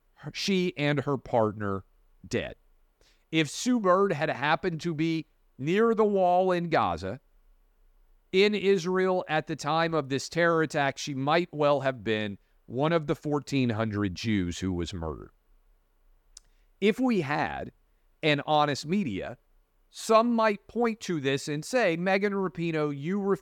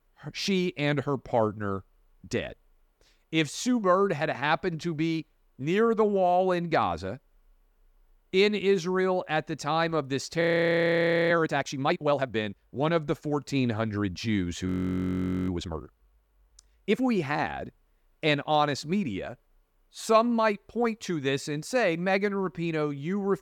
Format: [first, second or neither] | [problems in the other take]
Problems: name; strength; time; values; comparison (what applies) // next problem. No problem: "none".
first | audio freezing; at 10 s for 1 s and at 15 s for 1 s